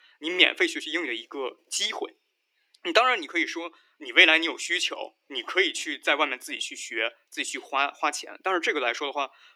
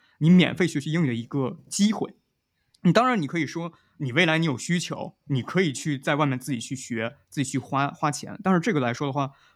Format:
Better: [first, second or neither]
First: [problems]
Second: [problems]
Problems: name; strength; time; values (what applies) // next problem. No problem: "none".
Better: second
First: thin; very; fading below 350 Hz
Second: none